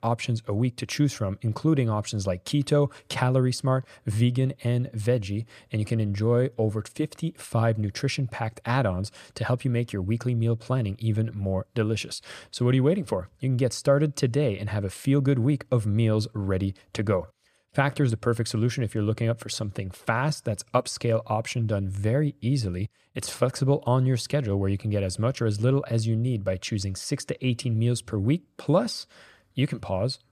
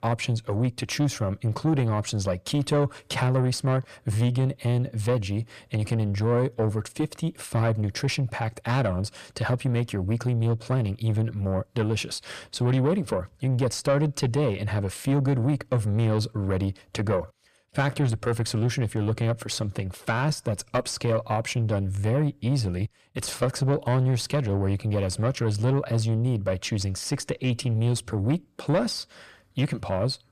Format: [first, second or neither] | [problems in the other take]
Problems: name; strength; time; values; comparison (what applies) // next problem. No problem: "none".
first | distortion; slight; 10 dB below the speech